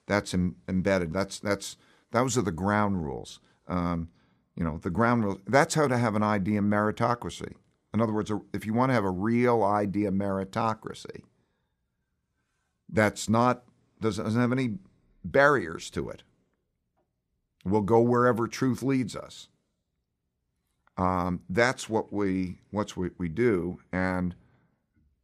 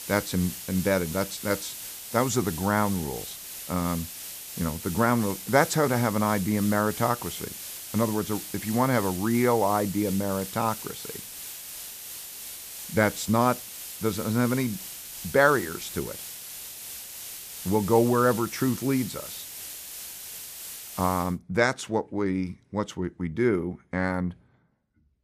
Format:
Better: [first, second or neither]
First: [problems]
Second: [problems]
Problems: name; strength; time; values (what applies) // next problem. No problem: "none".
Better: first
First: none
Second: hiss; loud; until 21 s; 10 dB below the speech